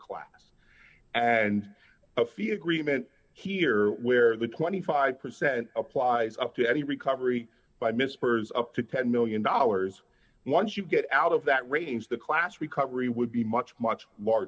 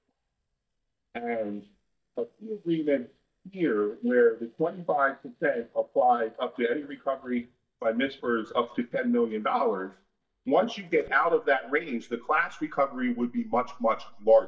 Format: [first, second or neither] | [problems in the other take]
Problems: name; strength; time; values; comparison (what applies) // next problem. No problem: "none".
first | noise reduction (neural mask model DeepFilterNet 3)